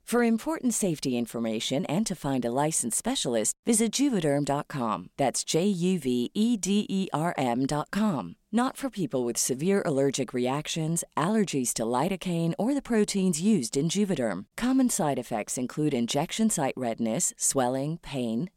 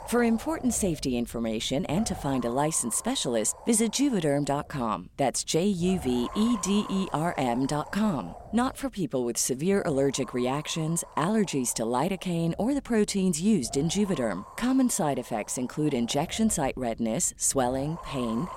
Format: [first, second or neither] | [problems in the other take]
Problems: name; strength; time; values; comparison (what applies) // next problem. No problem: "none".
first | wind noise on the microphone; occasional gusts; 15 dB below the speech